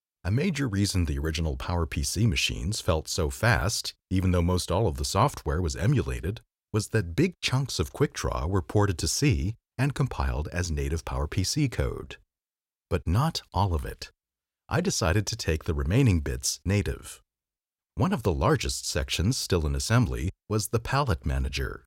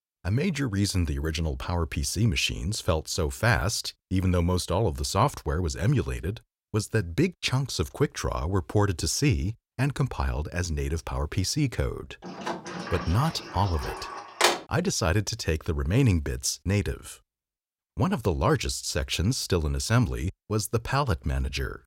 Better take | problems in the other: first | door banging; loud; from 12 to 15 s; peak 4 dB above the speech

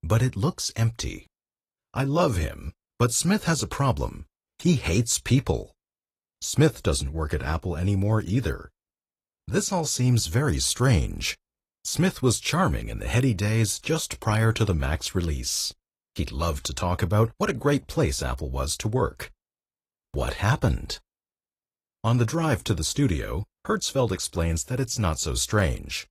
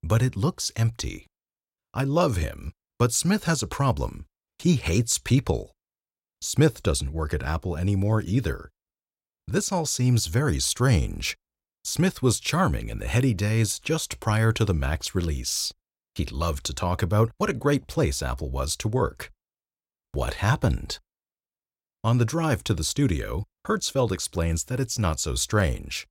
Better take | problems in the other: second | garbled, watery; slightly; nothing above 14.5 kHz

